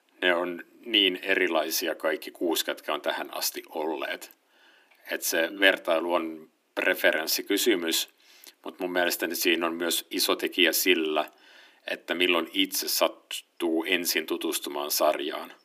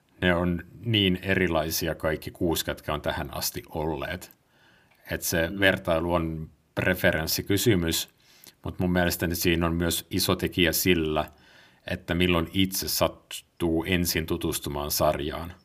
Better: second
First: thin; somewhat; fading below 300 Hz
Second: none

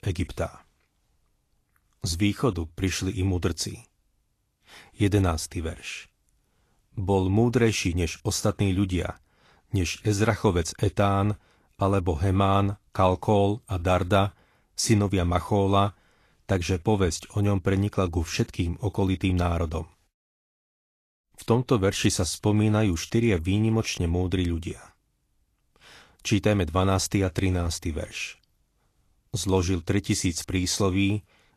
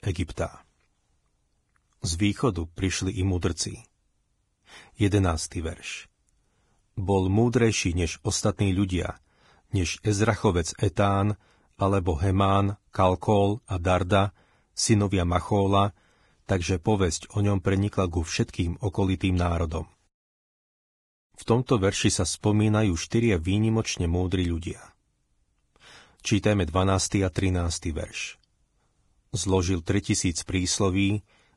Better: first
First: garbled, watery; slightly; nothing above 12.5 kHz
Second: garbled, watery; badly; nothing above 10.5 kHz

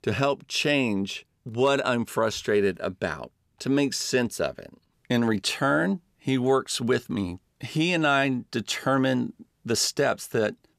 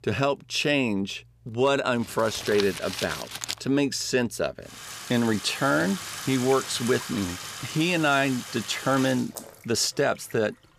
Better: first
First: none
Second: household noises; loud; throughout; 9 dB below the speech

